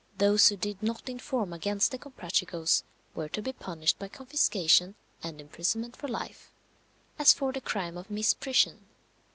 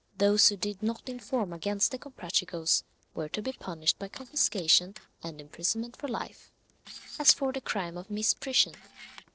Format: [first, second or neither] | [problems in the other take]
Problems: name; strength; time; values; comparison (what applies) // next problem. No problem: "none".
first | noise reduction (neural separator model SepFormer DNS4)